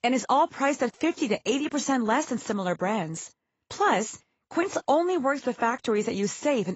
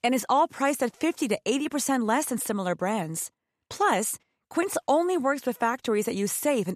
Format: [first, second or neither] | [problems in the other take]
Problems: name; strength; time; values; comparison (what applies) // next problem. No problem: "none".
second | garbled, watery; badly; nothing above 7.5 kHz